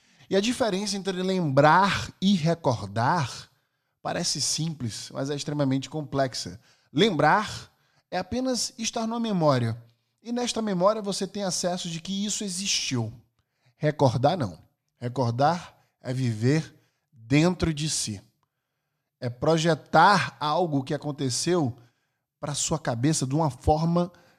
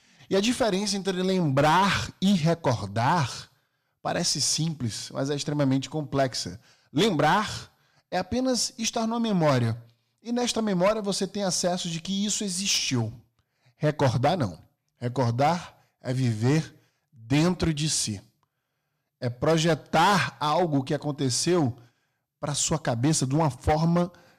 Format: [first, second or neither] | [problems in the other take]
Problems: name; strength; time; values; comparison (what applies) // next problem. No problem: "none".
first | distortion; slight; 5% of the sound clipped